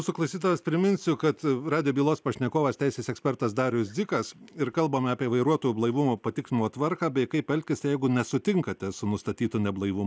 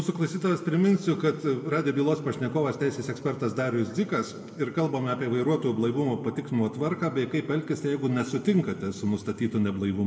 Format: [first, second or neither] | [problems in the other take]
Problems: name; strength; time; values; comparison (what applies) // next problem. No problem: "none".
first | room echo; dies away in 1.6 s